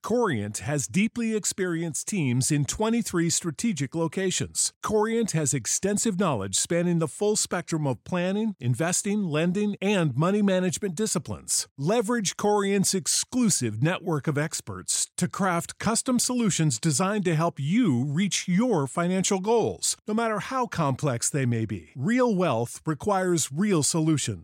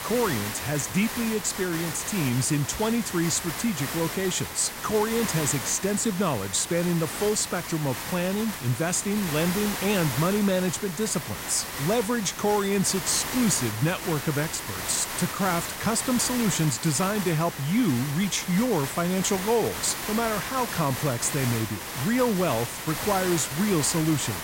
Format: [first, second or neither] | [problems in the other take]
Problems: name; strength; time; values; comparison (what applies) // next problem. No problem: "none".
first | hiss; loud; throughout; 6 dB below the speech